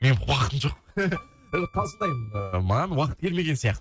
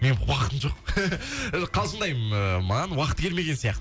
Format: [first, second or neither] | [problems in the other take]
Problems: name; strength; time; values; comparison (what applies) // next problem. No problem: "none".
second | noise reduction (neural mask model RNNoise)